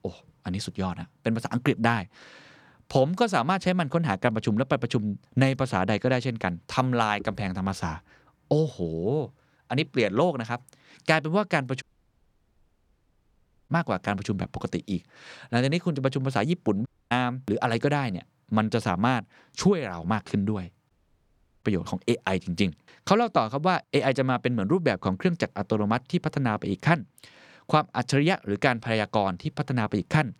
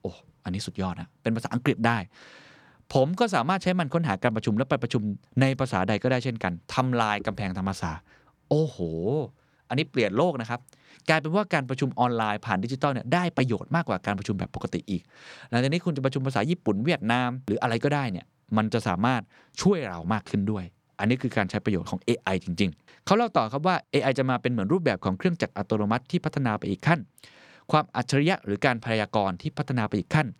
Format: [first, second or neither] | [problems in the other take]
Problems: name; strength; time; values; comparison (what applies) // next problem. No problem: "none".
second | audio cutting out; at 12 s for 2 s, at 17 s and at 21 s for 0.5 s